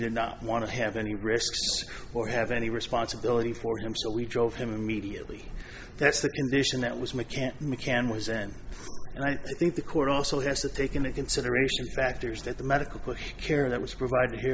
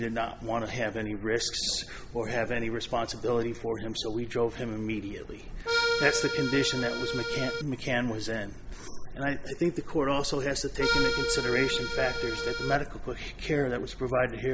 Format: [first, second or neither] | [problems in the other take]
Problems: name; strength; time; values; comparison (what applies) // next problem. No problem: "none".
first | background sound (Accordion); as loud as the speech